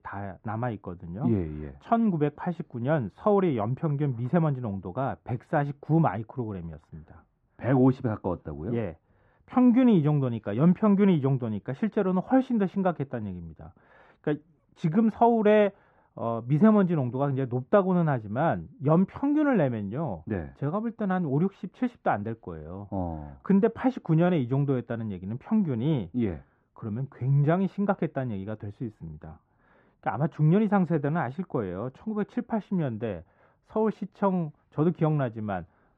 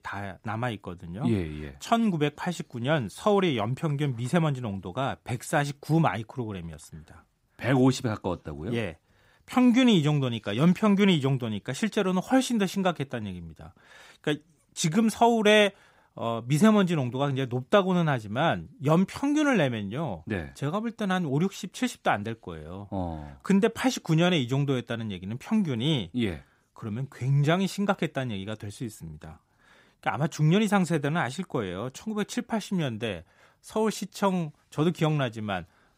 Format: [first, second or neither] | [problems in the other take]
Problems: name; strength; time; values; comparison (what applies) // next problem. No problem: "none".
second | muffled; very; fading above 3.5 kHz